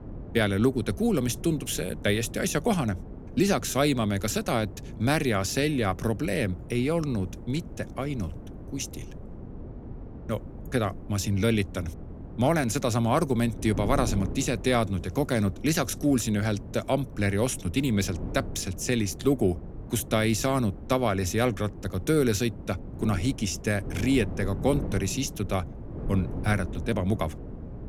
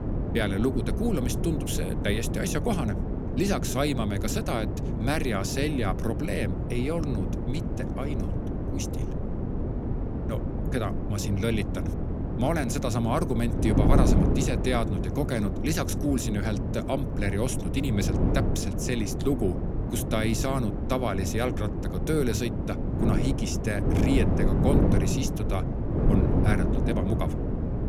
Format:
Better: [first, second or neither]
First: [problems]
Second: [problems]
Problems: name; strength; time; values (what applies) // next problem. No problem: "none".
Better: first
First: wind noise on the microphone; occasional gusts; 15 dB below the speech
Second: wind noise on the microphone; heavy; 3 dB below the speech